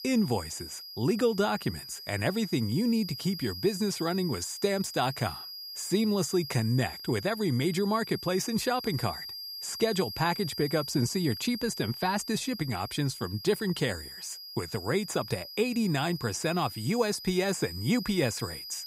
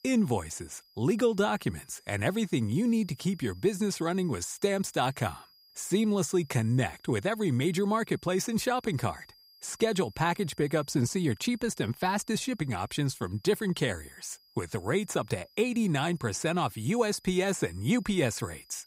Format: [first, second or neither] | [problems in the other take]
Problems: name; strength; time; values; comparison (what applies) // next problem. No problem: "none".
second | high-pitched whine; loud; throughout; 5 kHz, 10 dB below the speech; faint in the second